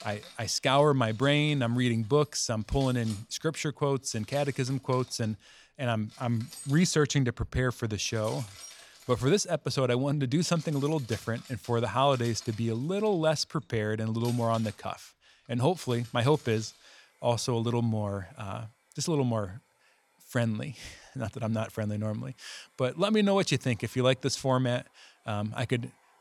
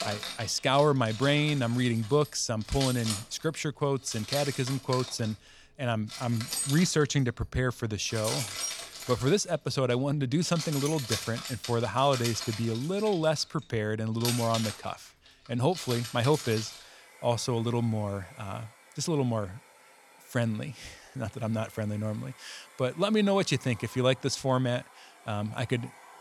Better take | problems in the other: first | household noises; loud; throughout; 8 dB below the speech; faint in the first

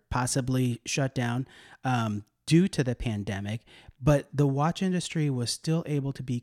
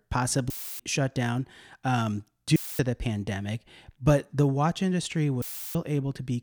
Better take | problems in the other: first | audio cutting out; filled with static; at 0.5 s, at 2.5 s and at 5.5 s

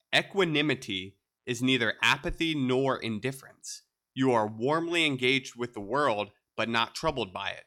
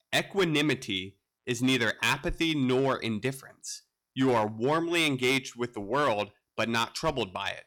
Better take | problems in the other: first | distortion; slight; 4% of the sound clipped

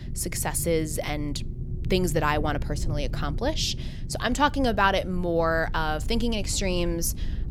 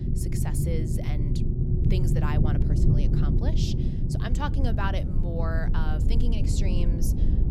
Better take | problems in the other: first | low rumble; loud; throughout; 1 dB below the speech; faint in the first

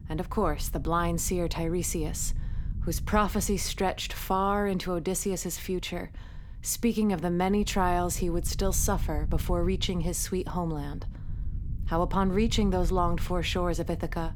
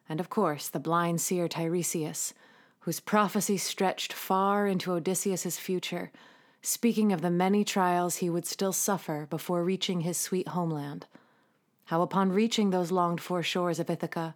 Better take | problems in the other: second | low rumble; faint; throughout; 25 dB below the speech

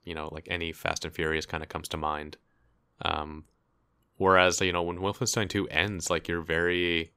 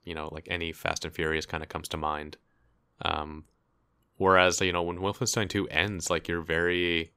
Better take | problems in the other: neither | none

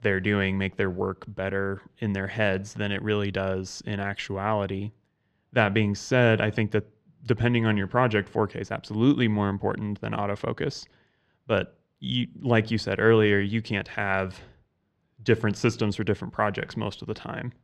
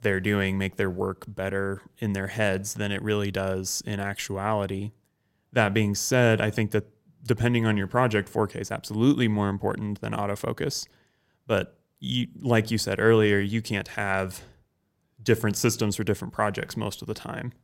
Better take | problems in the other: second | muffled; slightly; fading above 3 kHz

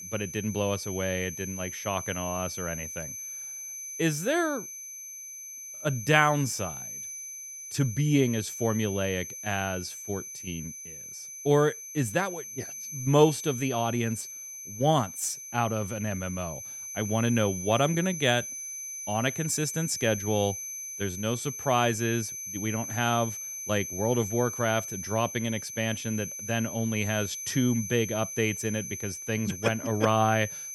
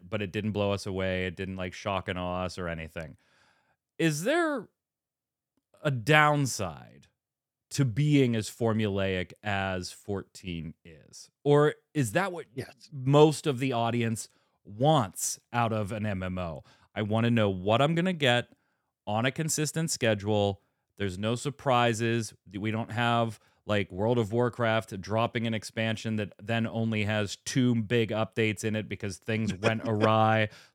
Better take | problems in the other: second | high-pitched whine; loud; throughout; 6 kHz, 8 dB below the speech

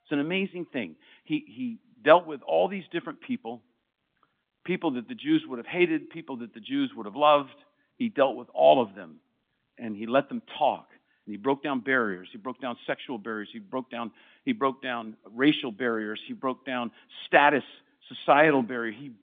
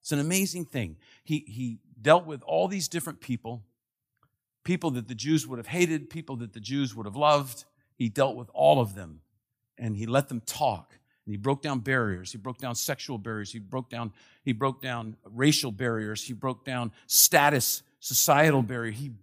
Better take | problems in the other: second | phone-call audio; nothing above 3.5 kHz

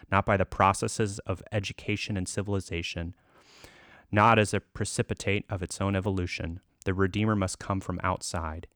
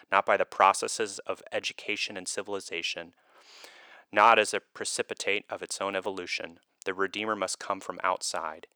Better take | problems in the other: first | thin; very; fading below 550 Hz

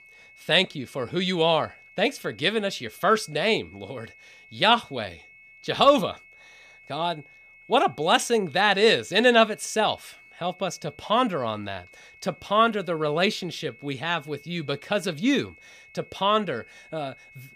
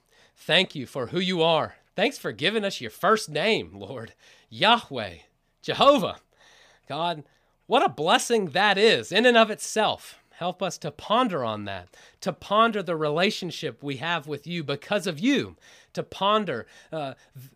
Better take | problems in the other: second | high-pitched whine; faint; throughout; 2 kHz, 25 dB below the speech

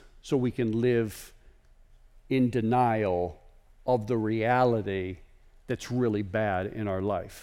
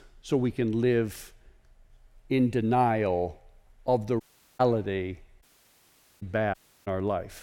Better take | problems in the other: first | audio cutting out; at 4 s, at 5.5 s for 1 s and at 6.5 s

